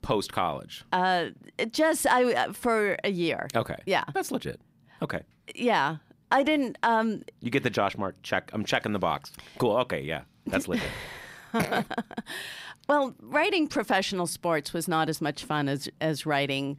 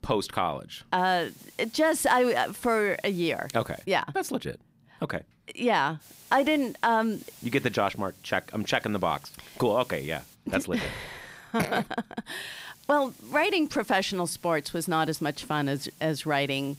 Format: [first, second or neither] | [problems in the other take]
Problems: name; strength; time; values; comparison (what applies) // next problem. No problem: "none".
first | hiss; faint; from 1 to 4 s, from 6 to 10 s and from 13 s on; 25 dB below the speech